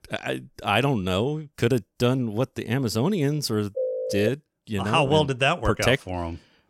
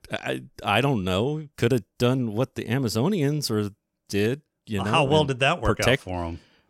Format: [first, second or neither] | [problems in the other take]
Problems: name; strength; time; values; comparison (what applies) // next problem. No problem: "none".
second | phone ringing; noticeable; at 4 s; peak 3 dB below the speech